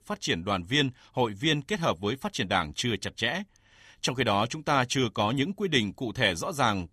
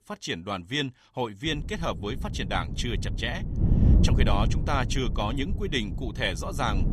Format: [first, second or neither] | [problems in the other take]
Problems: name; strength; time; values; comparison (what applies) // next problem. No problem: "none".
first | wind noise on the microphone; heavy; from 1.5 s on; 9 dB below the speech